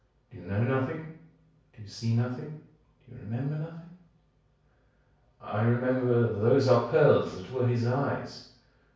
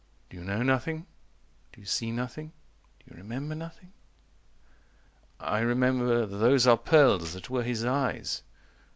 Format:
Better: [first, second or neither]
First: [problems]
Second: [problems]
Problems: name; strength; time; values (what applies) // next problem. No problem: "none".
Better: second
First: room echo; dies away in 0.6 s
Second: none